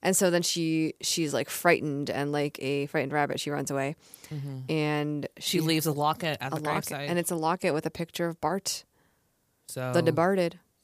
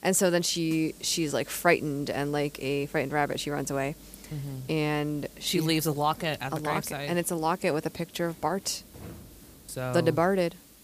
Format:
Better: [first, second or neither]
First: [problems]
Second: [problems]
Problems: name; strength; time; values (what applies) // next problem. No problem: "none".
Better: first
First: none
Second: hiss; faint; throughout; 20 dB below the speech